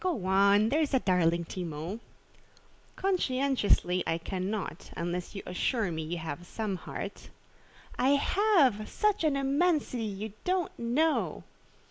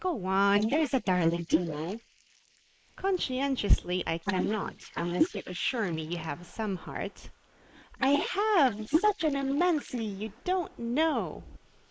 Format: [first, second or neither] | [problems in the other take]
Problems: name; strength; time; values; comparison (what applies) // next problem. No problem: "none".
first | noise reduction (neural mask model Resemble Enhance denoiser)